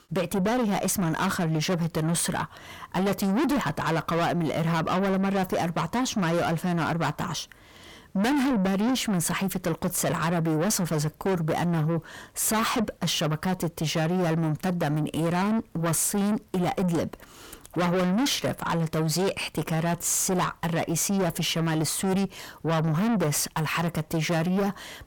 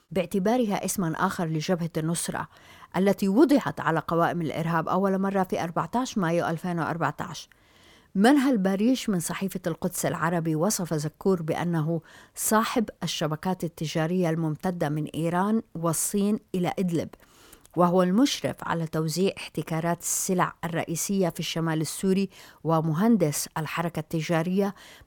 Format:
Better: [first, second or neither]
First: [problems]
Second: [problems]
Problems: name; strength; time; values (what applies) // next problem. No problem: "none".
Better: second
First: distortion; heavy; 6 dB below the speech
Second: none